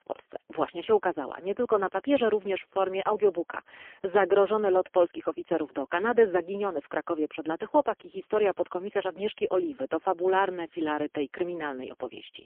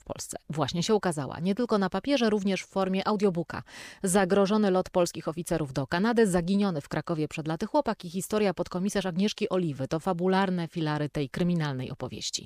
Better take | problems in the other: second | phone-call audio; poor line; nothing above 3.5 kHz

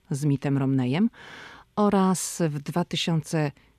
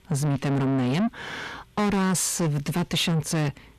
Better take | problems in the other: first | distortion; heavy; 6 dB below the speech

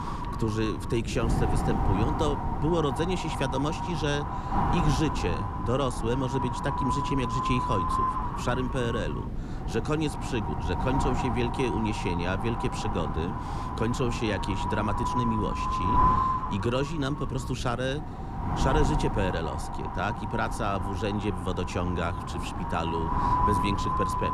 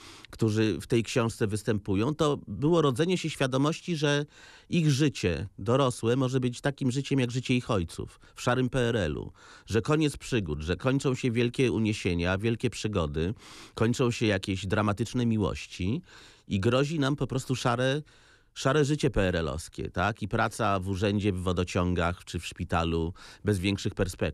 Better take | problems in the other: second | wind noise on the microphone; heavy; 3 dB above the speech

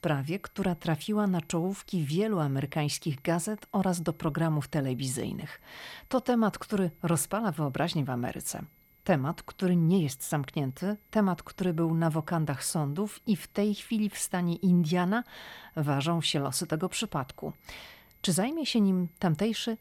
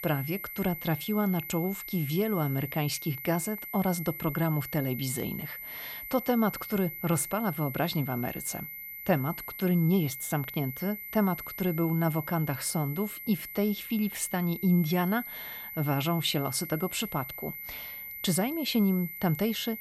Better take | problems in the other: first | high-pitched whine; loud; throughout; 2 kHz, 8 dB below the speech; faint in the first

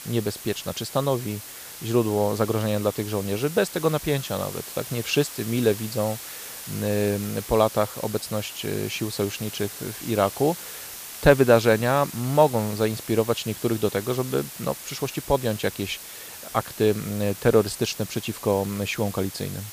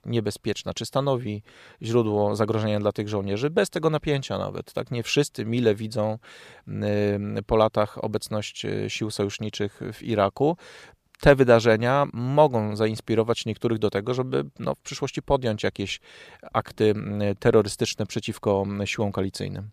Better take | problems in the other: second | hiss; noticeable; throughout; 10 dB below the speech

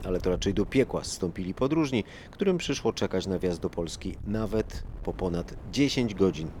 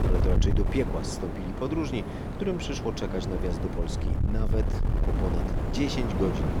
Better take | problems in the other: first | wind noise on the microphone; heavy; 2 dB below the speech; occasional gusts in the first

